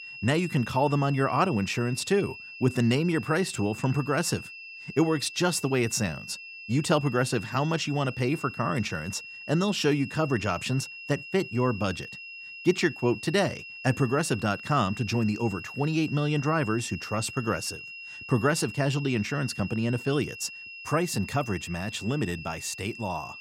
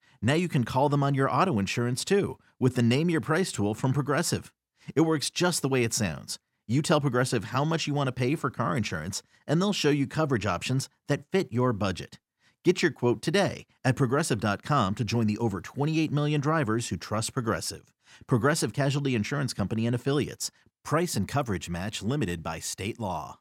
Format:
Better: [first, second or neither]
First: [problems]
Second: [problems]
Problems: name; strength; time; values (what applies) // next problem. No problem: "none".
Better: second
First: high-pitched whine; noticeable; throughout; 2.5 kHz, 10 dB below the speech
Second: none